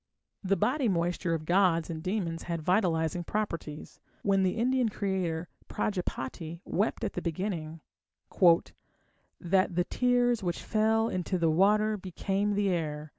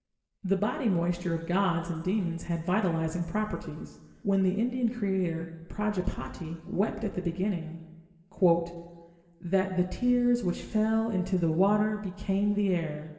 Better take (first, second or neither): first